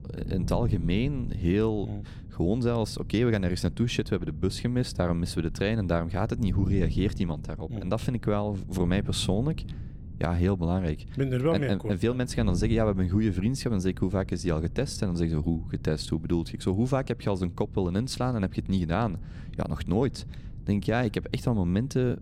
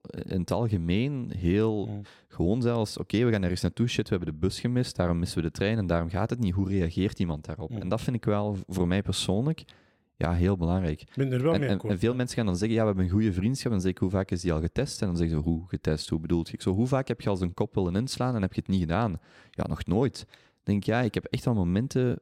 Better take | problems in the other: second | wind noise on the microphone; occasional gusts; 20 dB below the speech

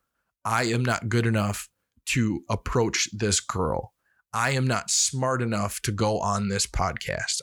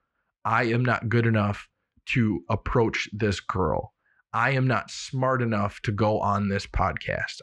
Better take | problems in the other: first | muffled; very; fading above 2.5 kHz

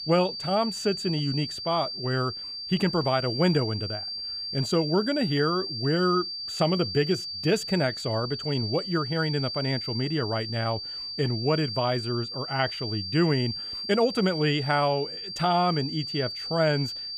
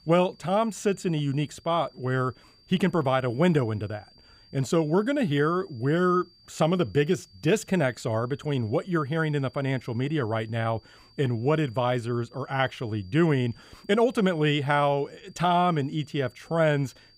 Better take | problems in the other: second | high-pitched whine; loud; throughout; 4.5 kHz, 5 dB below the speech; faint in the second

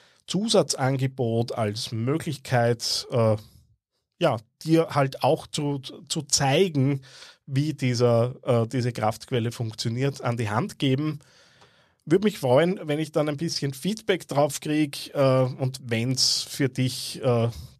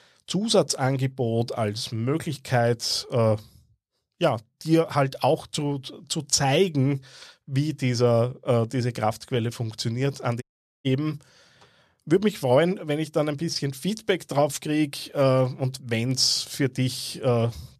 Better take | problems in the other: first | audio cutting out; at 10 s

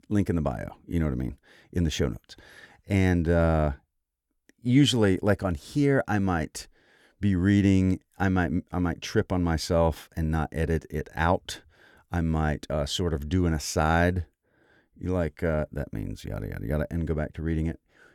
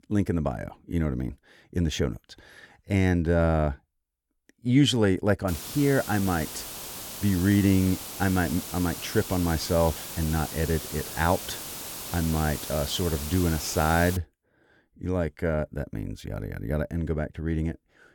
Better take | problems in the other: first | hiss; loud; from 5.5 to 14 s; 8 dB below the speech

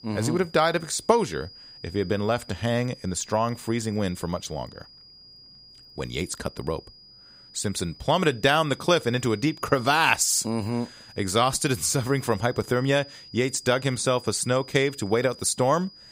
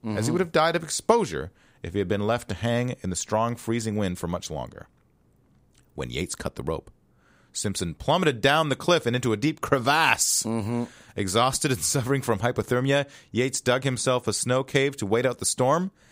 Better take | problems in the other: second | high-pitched whine; faint; throughout; 5 kHz, 20 dB below the speech

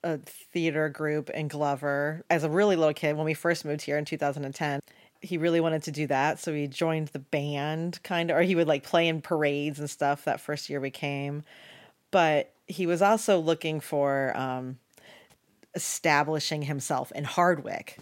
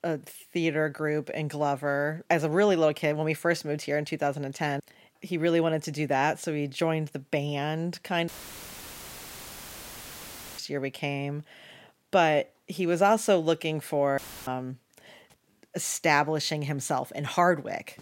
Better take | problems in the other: first | audio cutting out; filled with static; at 8.5 s for 2.5 s and at 14 s

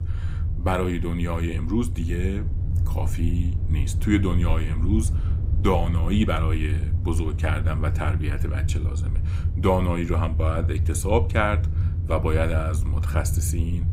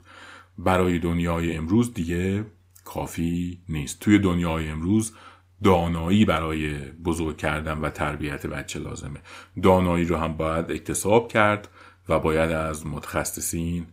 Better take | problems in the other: second | low rumble; noticeable; throughout; 10 dB below the speech

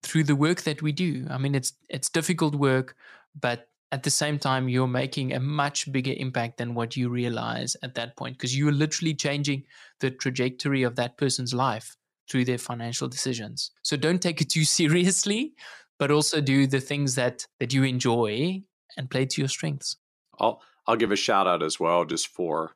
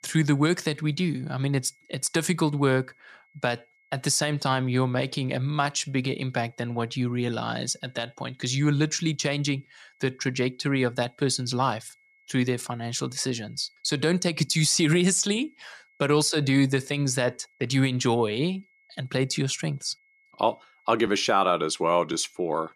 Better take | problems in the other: first | high-pitched whine; faint; throughout; 2 kHz, 35 dB below the speech

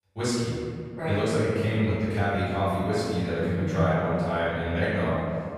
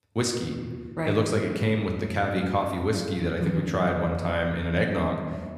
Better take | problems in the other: second | room echo; strong; dies away in 2.1 s; slight in the second // off-mic speech; far

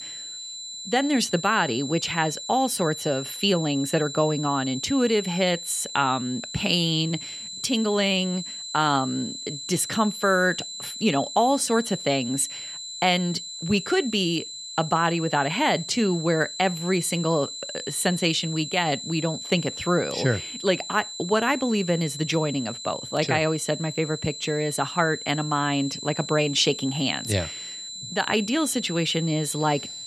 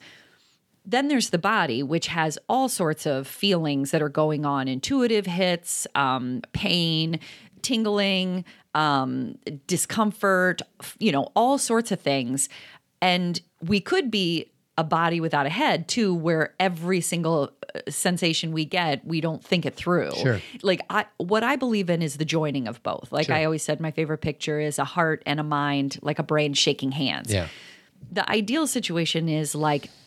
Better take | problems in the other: second | high-pitched whine; loud; throughout; 4 kHz, 9 dB below the speech

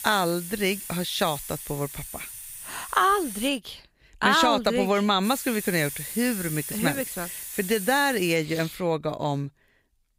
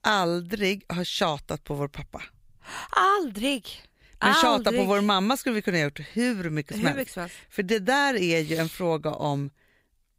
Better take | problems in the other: second | hiss; loud; until 3.5 s and from 5 to 8.5 s; 9 dB below the speech

